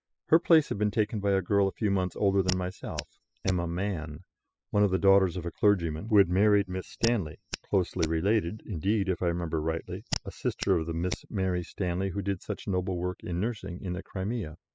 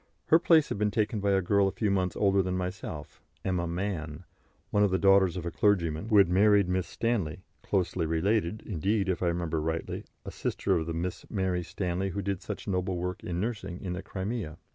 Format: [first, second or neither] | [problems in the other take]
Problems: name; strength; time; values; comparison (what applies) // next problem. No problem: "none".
second | noise reduction (classical method spectral subtraction)